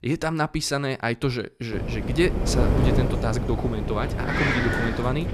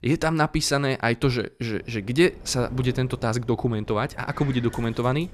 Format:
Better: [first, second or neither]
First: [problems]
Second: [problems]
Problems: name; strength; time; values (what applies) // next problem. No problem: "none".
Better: second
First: wind noise on the microphone; heavy; from 1.5 s on; as loud as the speech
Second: wind noise on the microphone; occasional gusts; from 1.5 s on; 20 dB below the speech